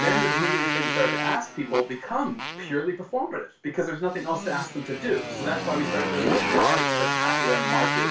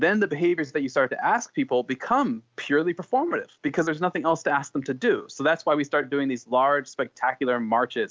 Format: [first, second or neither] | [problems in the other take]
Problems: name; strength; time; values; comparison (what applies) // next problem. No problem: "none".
second | background sound (Motorcycle); 1 dB above the speech // room echo; dies away in 0.3 s